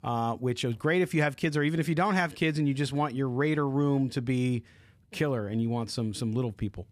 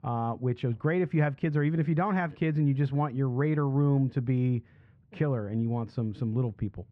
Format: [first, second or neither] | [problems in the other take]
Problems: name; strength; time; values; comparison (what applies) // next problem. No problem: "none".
first | muffled; very; fading above 1.5 kHz